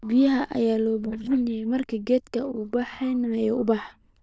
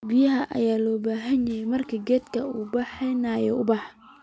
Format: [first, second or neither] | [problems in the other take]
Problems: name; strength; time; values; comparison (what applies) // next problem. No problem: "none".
second | noise reduction (neural diffusion model UNIVERSE++)